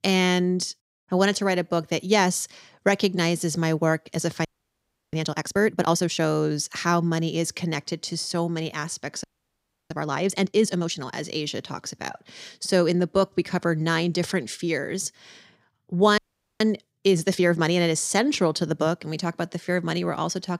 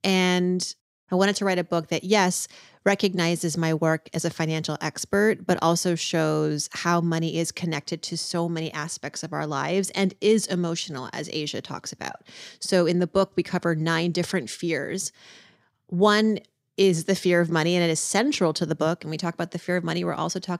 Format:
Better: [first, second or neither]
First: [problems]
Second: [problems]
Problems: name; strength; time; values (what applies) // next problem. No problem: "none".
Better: second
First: audio freezing; at 4.5 s for 0.5 s, at 9 s for 0.5 s and at 16 s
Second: none